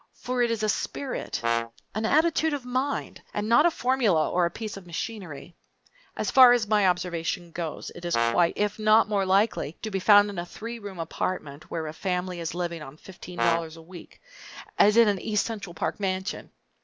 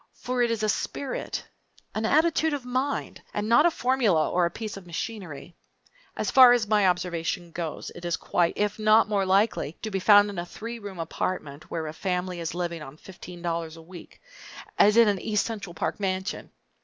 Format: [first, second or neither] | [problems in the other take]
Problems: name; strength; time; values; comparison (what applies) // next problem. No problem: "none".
second | background sound (Brass instrument); 4 dB below the speech